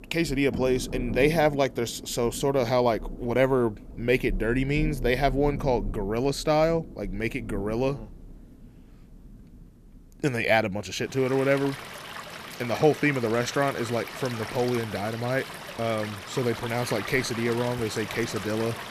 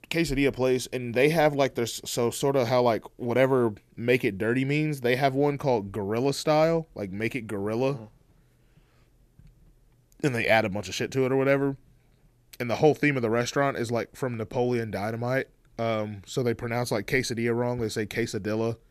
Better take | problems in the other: second | rain or running water; noticeable; throughout; 10 dB below the speech

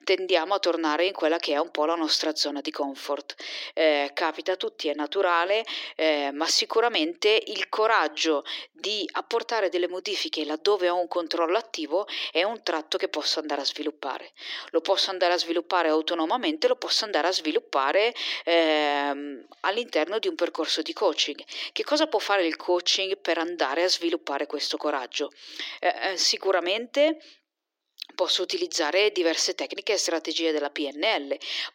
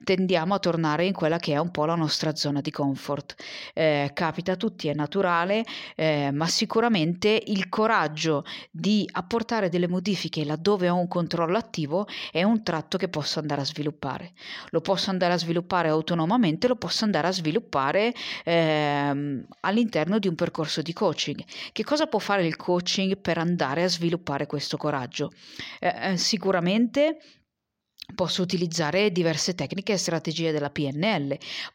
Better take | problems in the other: second | thin; very; fading below 300 Hz

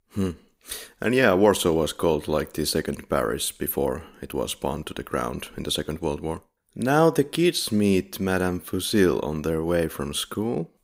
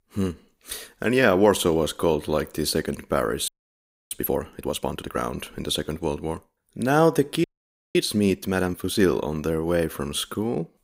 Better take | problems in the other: first | audio freezing; at 3.5 s for 0.5 s and at 7.5 s for 0.5 s

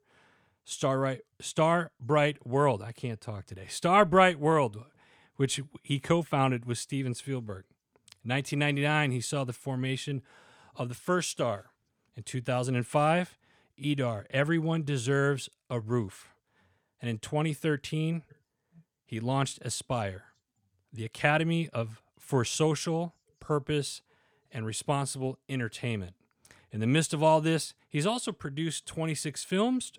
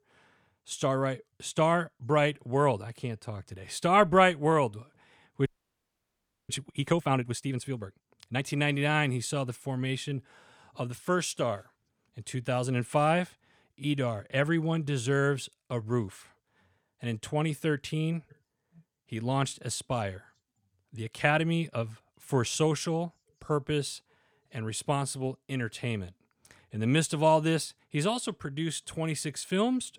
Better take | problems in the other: first | audio freezing; at 5.5 s for 1 s

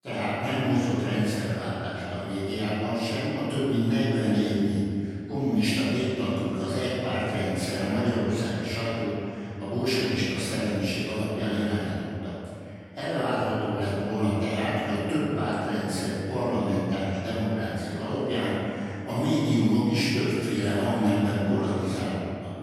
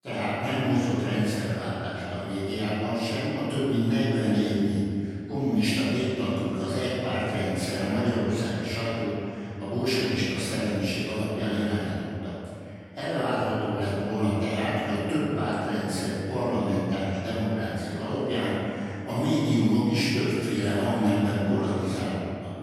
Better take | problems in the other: neither | room echo; strong; dies away in 2.3 s; the same in both // off-mic speech; far; the same in both

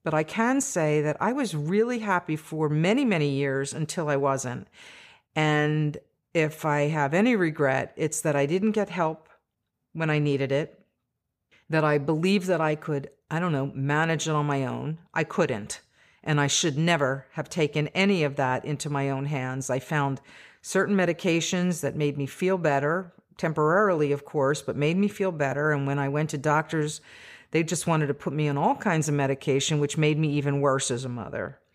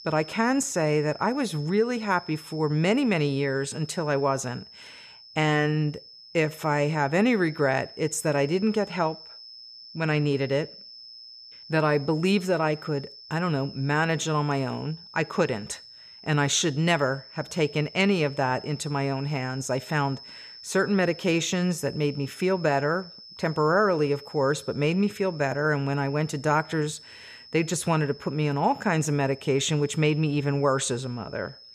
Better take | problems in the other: first | high-pitched whine; noticeable; throughout; 5 kHz, 20 dB below the speech

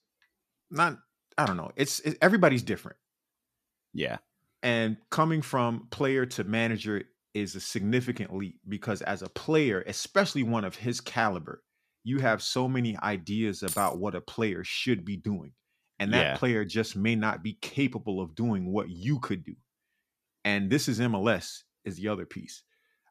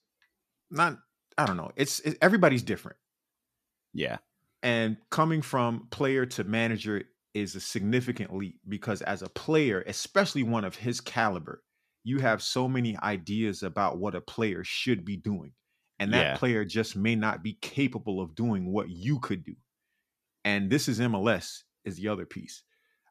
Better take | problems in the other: second | jangling keys; noticeable; at 14 s; peak 6 dB below the speech

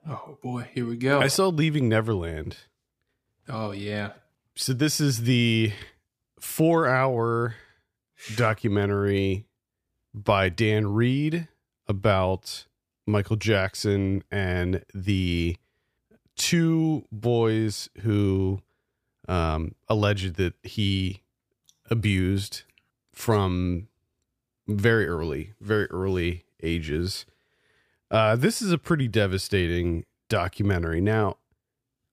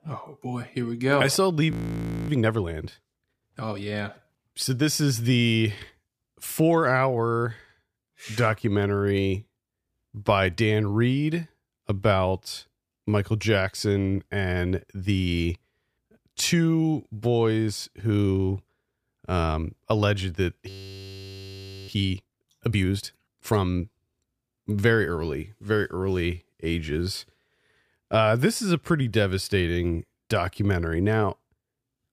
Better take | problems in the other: first | audio freezing; at 1.5 s for 0.5 s and at 21 s for 1 s

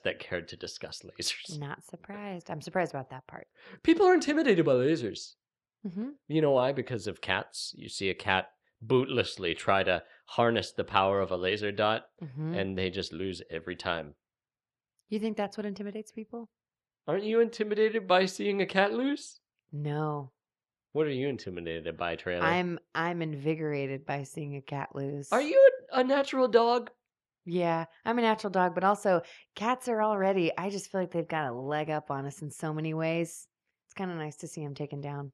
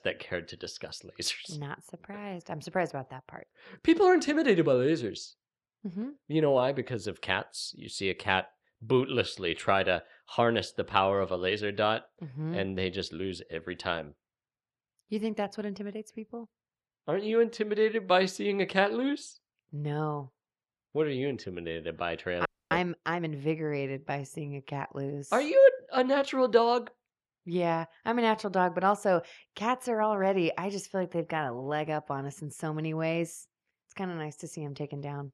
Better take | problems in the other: first | audio freezing; at 22 s

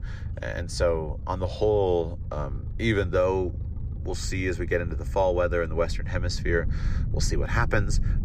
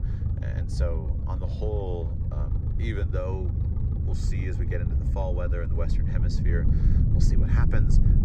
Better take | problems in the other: first | low rumble; loud; throughout; 3 dB below the speech; faint in the first

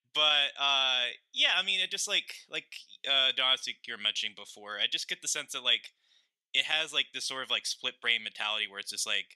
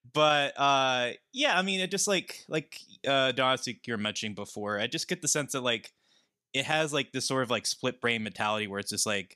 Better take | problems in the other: second | thin; somewhat; fading below 1 kHz

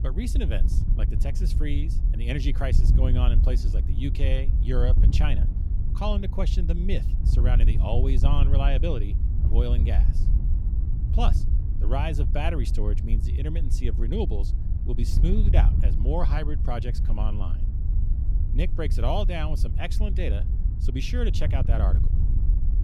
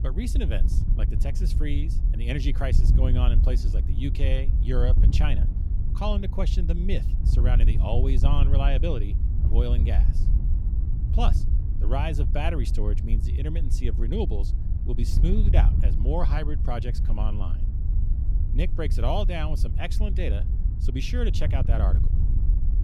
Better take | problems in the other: neither | wind noise on the microphone; heavy; 8 dB below the speech; the same in both

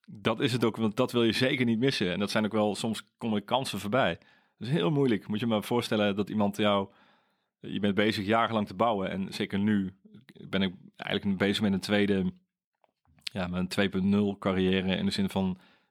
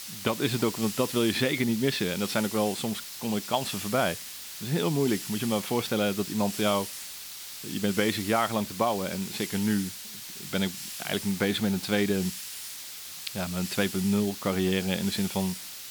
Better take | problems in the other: first | hiss; loud; throughout; 8 dB below the speech

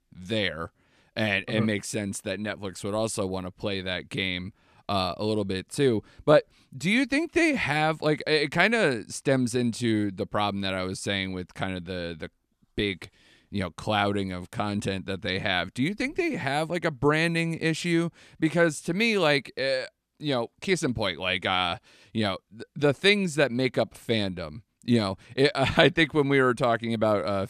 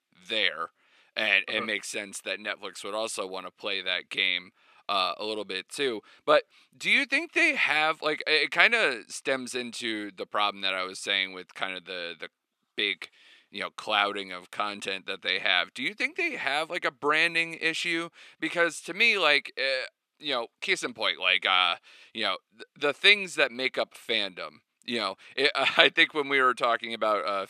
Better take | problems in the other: first | thin; somewhat; fading below 400 Hz

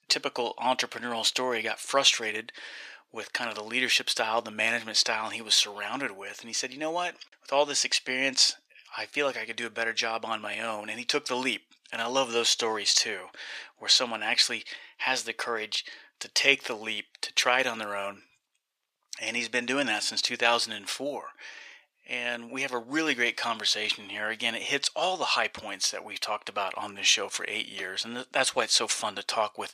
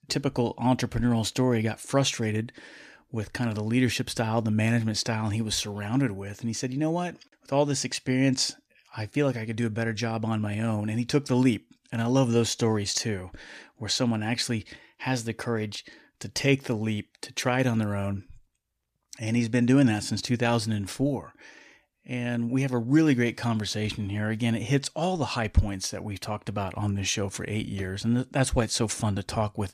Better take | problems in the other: second | thin; very; fading below 600 Hz

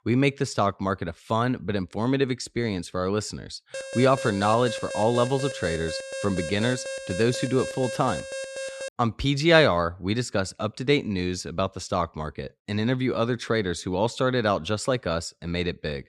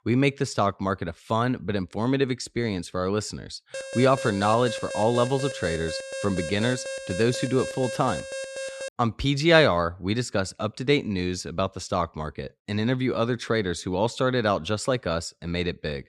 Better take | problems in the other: neither | alarm; noticeable; from 3.5 to 9 s; peak 8 dB below the speech; the same in both

